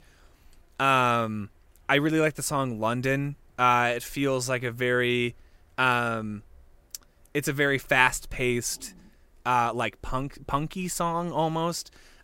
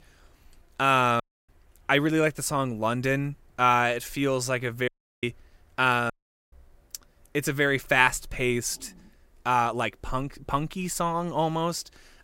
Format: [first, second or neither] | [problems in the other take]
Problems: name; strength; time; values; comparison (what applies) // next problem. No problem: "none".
first | audio cutting out; at 1 s, at 5 s and at 6 s